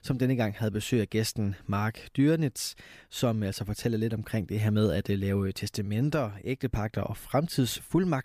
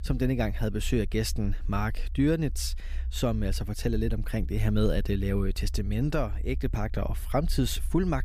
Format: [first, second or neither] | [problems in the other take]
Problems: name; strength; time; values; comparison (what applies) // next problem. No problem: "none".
first | low rumble; faint; throughout; 25 dB below the speech